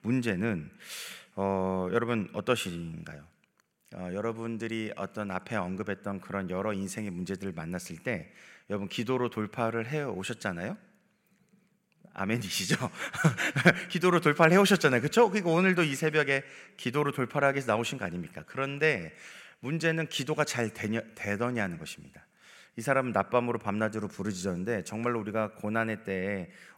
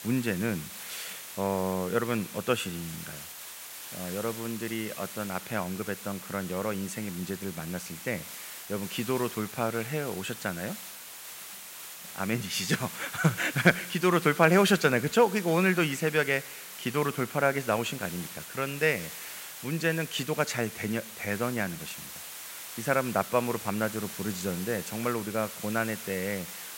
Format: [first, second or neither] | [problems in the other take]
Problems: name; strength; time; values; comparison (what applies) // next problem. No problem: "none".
first | hiss; noticeable; throughout; 10 dB below the speech